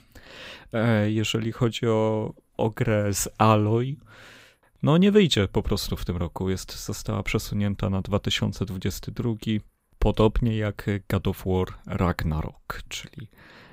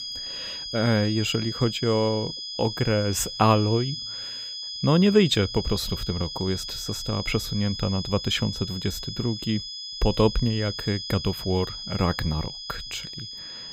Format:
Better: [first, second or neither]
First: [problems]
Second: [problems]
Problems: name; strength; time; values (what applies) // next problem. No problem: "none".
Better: first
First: none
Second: high-pitched whine; loud; throughout; 5 kHz, 7 dB below the speech